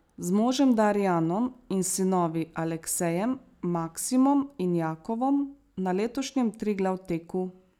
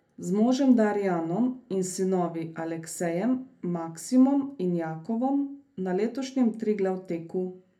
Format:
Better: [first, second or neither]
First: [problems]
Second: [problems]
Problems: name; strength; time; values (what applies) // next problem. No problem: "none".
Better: first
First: none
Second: room echo; dies away in 0.3 s